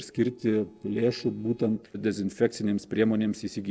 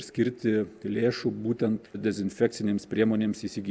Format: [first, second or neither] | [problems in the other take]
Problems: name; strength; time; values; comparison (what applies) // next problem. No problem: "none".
second | noise reduction (neural separator model SepFormer DNS4)